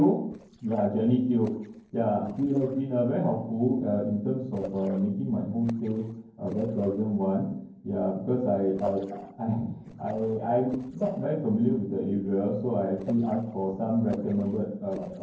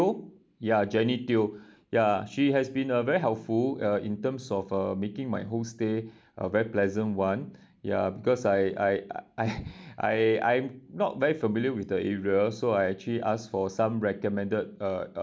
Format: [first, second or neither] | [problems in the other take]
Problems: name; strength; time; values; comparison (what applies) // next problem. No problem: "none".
second | noise reduction (neural separator model SepFormer DNS4)